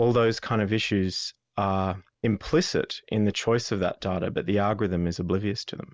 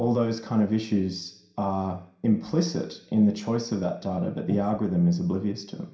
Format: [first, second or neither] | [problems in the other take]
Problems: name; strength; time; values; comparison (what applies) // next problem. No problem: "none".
first | background sound (Breathing); 10 dB below the speech // room echo; dies away in 0.5 s